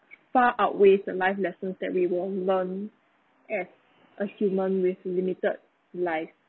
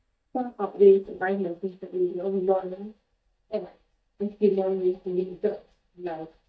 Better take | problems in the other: first | noise reduction (neural mask model DeepFilterNet 3)

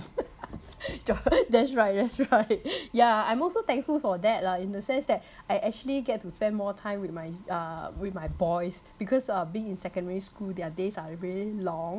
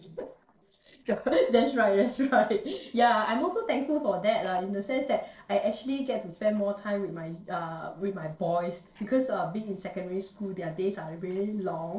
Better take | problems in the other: first | noise reduction (neural separator model SepFormer DNS4)

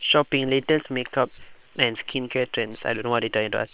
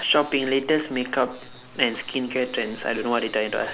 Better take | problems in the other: second | noise reduction (neural separator model SepFormer WHAM!)

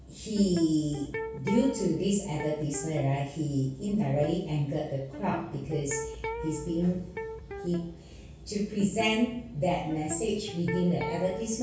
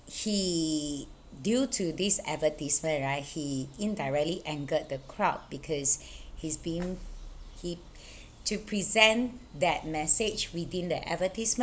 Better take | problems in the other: second | background sound (Electric guitar); 11 dB below the speech // room echo; dies away in 0.6 s

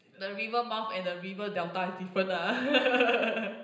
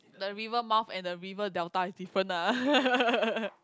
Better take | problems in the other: second | room echo; dies away in 0.9 s

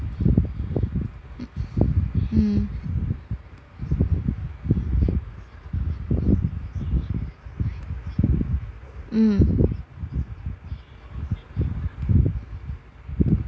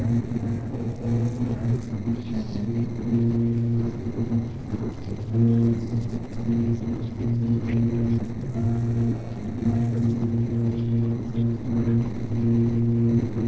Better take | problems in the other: first | noise reduction (neural separator model SepFormer DNS4)

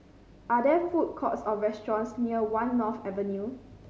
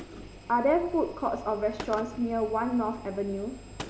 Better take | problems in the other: first | background sound (Gunshot, gunfire + Engine); 15 dB below the speech

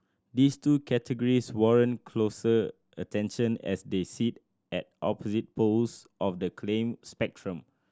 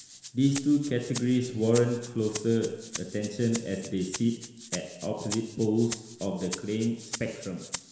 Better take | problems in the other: first | background sound (Rattle (instrument)); 13 dB below the speech // room echo; dies away in 1.1 s

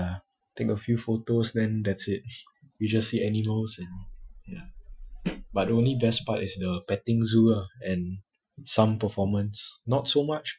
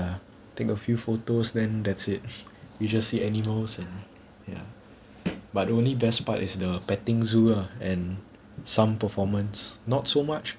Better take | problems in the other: second | noise reduction (classical method Wiener filter)

